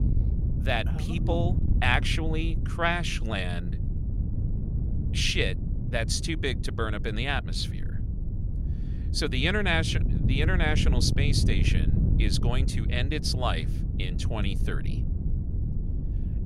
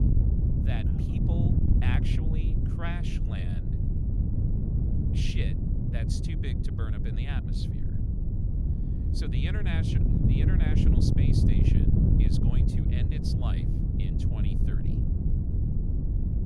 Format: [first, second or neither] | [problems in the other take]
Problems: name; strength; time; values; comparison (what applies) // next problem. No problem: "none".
first | wind noise on the microphone; heavy; 3 dB above the speech; occasional gusts in the first